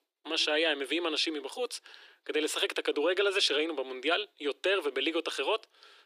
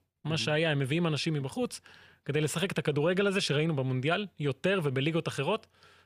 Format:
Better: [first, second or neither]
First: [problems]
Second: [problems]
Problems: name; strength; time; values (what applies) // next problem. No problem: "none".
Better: second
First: thin; very; fading below 300 Hz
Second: none